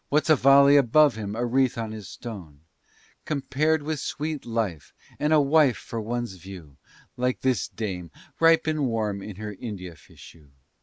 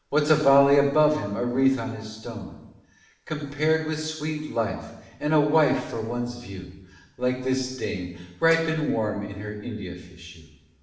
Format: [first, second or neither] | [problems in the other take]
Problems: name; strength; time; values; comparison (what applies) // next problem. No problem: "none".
first | background sound (Dishes, pots, and pans); 17 dB below the speech // room echo; dies away in 0.9 s